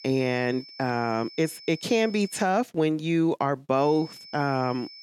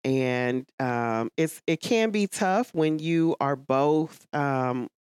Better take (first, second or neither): second